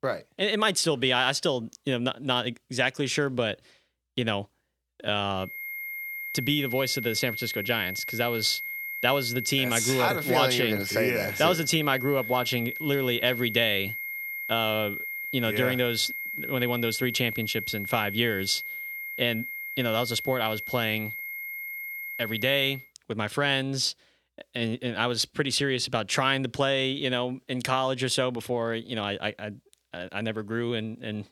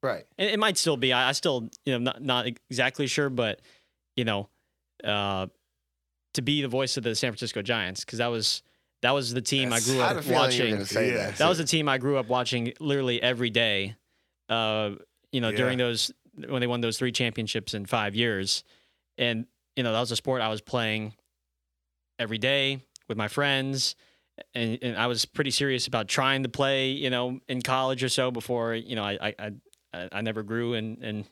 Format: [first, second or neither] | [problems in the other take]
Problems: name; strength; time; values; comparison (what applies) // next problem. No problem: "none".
second | high-pitched whine; loud; from 5.5 to 23 s; 2 kHz, 6 dB below the speech